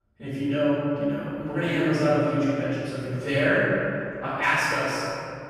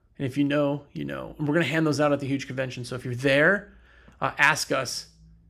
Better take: second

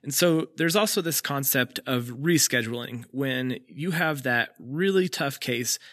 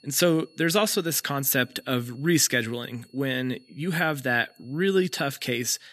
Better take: first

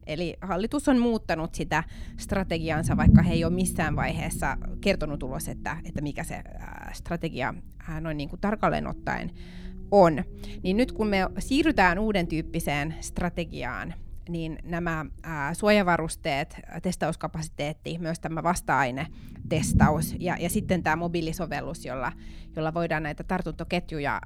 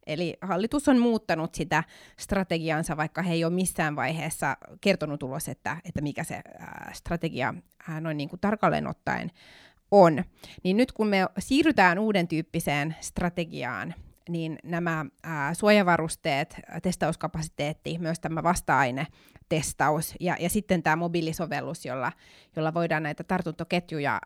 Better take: second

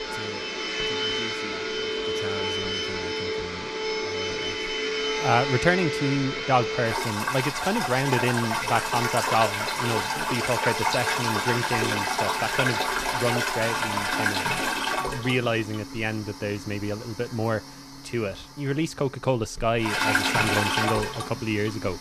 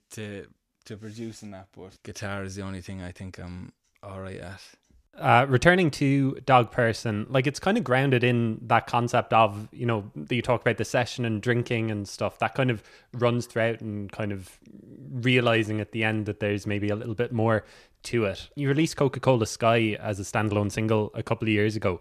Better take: second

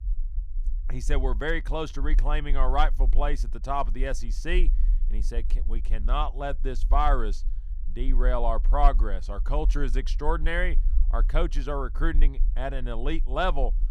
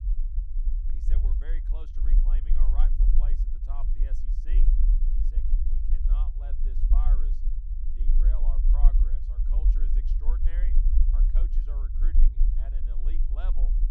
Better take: first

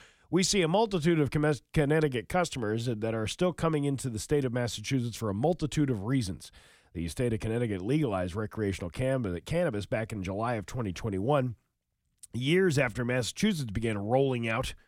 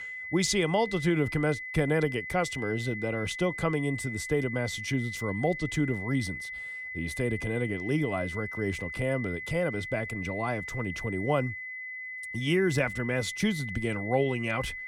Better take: first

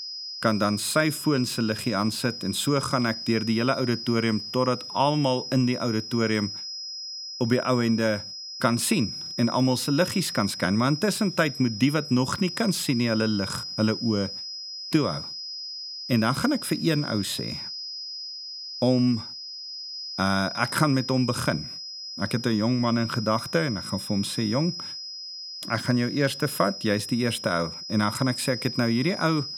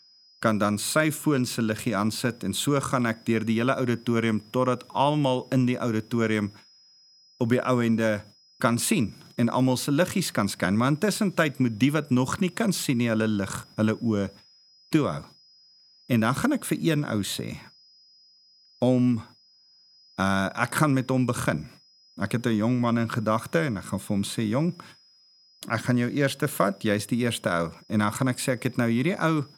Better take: second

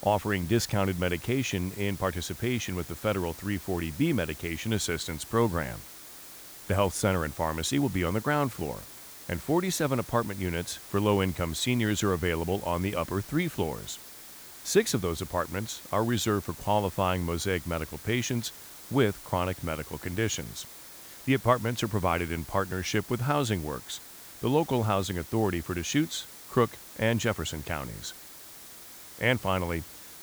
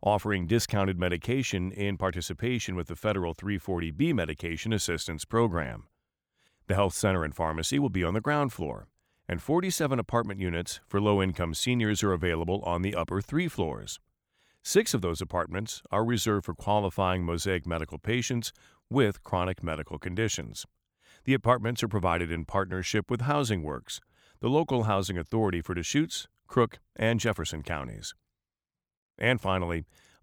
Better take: second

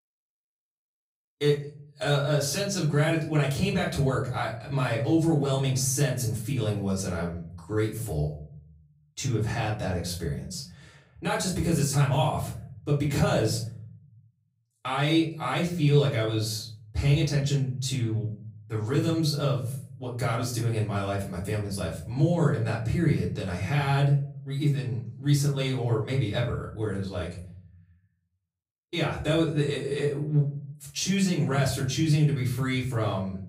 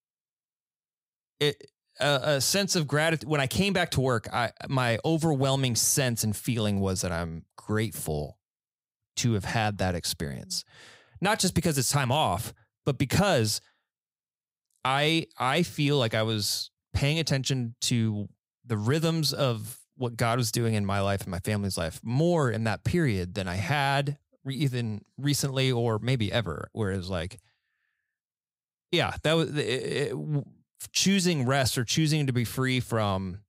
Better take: second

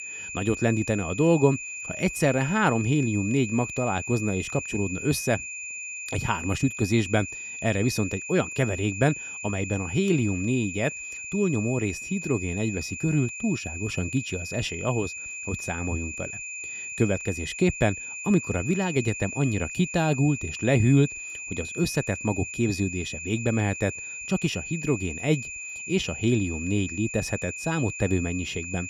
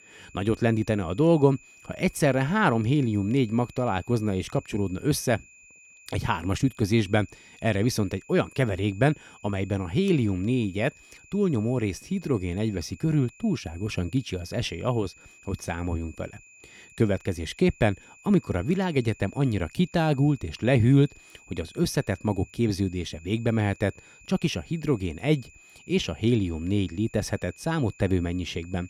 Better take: second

